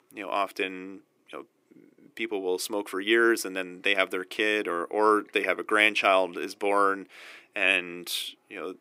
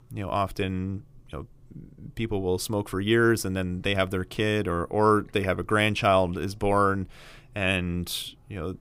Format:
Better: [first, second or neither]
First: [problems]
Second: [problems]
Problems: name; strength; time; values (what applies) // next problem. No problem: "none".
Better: second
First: thin; somewhat; fading below 300 Hz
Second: none